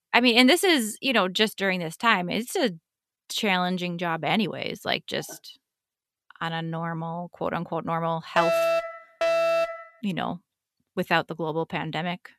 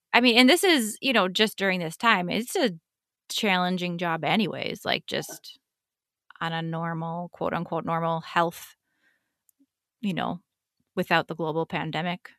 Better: second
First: alarm; loud; from 8.5 to 10 s; peak 3 dB above the speech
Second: none

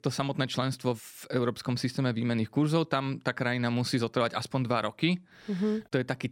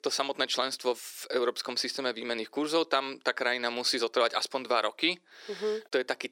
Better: first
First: none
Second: thin; very; fading below 400 Hz

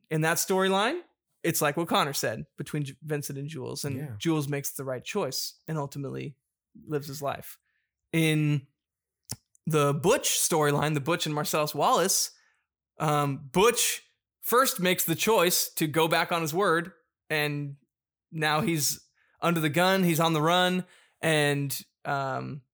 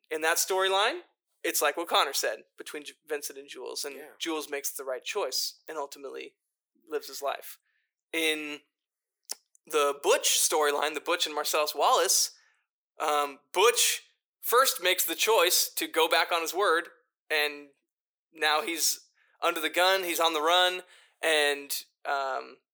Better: first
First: none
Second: thin; very; fading below 400 Hz

